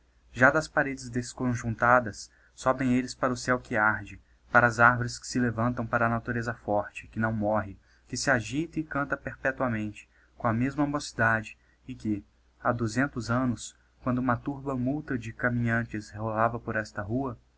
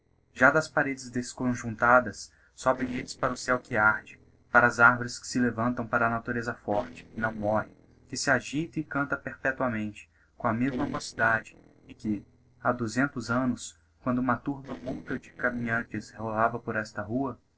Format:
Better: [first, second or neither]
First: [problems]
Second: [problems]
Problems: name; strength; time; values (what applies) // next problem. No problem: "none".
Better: first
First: none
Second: noise reduction (neural separator model SepFormer DNS4)